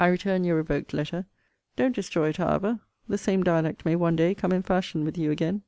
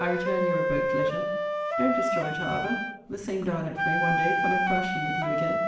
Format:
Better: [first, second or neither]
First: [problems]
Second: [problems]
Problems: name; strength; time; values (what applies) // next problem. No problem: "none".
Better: first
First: none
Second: background sound (Wind instrument, woodwind instrument); 3 dB above the speech // room echo; dies away in 0.8 s